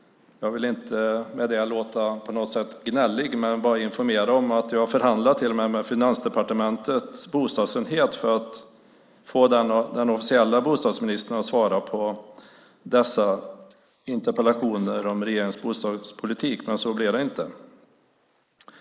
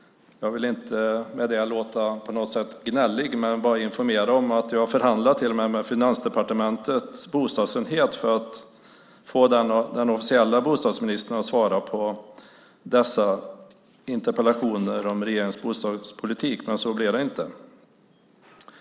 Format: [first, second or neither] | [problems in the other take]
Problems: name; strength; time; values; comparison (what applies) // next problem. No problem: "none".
second | noise reduction (neural mask model Resemble Enhance denoiser)